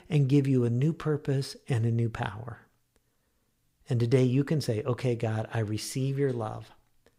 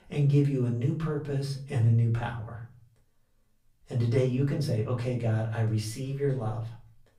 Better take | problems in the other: first | room echo; slight; dies away in 0.4 s // off-mic speech; far

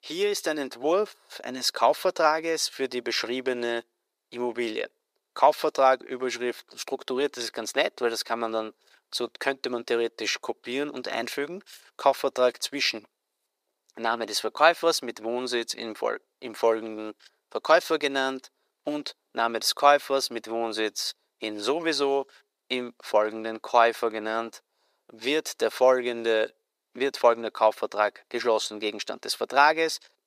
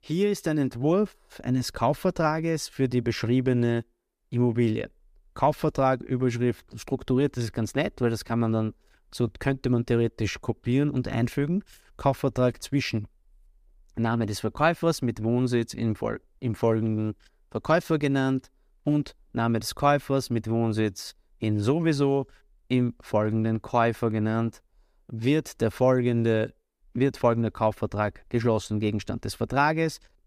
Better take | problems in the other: second | thin; very; fading below 450 Hz

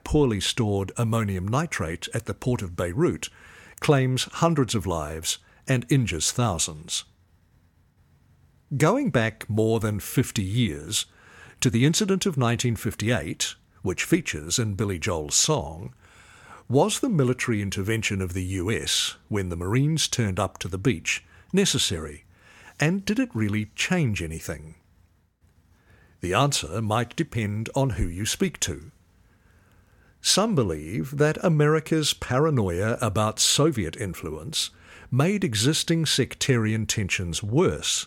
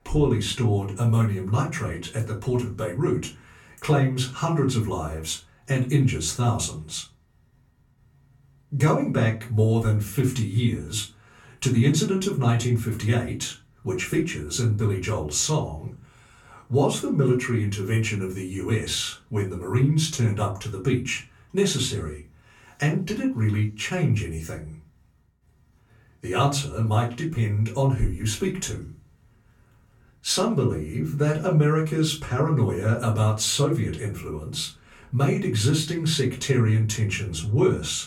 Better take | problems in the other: first | off-mic speech; far // room echo; very slight; dies away in 0.3 s

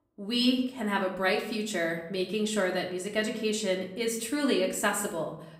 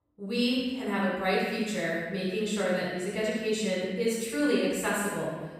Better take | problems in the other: first | room echo; strong; dies away in 1.3 s; slight in the first // off-mic speech; far; somewhat distant in the first

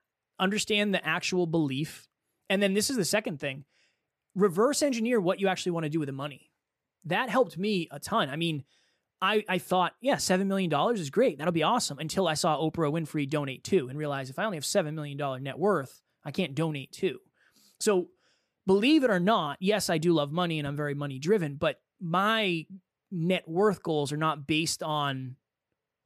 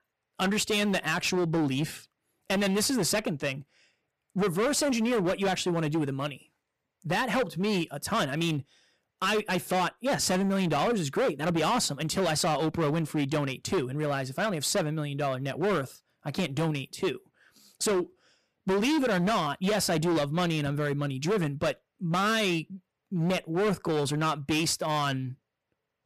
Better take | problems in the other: first | distortion; heavy; 17% of the sound clipped

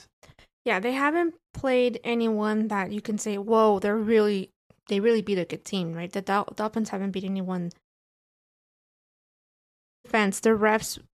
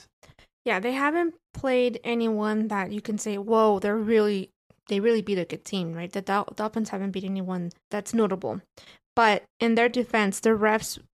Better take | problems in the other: second | audio cutting out; at 8 s for 2 s

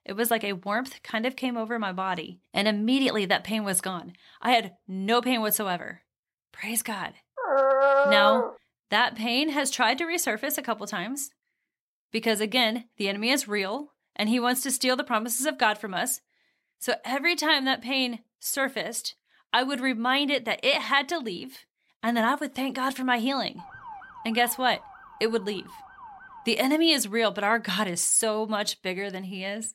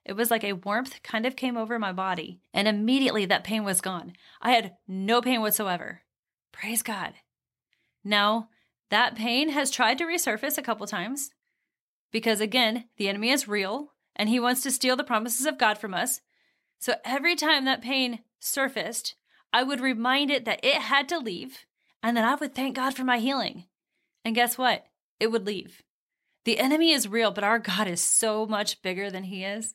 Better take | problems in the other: second | dog barking; loud; from 7.5 to 8.5 s; peak 6 dB above the speech // siren; faint; from 24 to 27 s; peak 15 dB below the speech

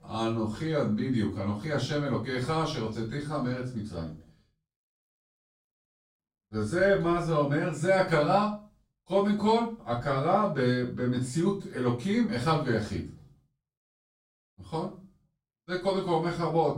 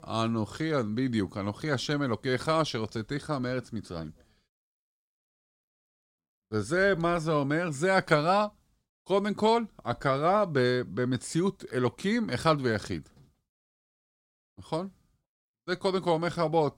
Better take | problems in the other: second | room echo; slight; dies away in 0.3 s // off-mic speech; far

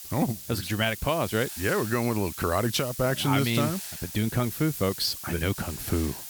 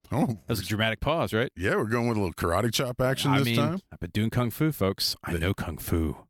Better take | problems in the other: second | hiss; loud; throughout; 9 dB below the speech

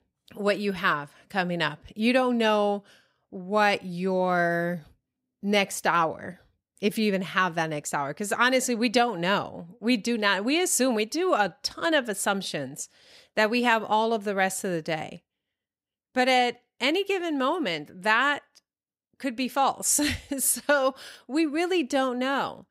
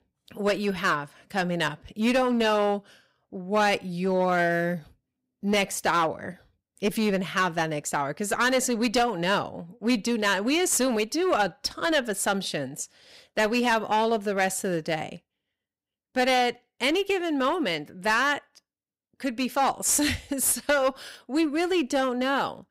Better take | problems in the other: first | distortion; slight; 6% of the sound clipped

